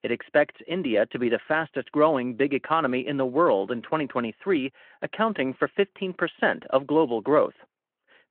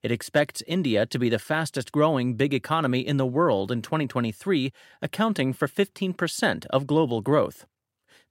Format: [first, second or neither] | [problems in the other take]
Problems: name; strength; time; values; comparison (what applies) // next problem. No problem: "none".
second | phone-call audio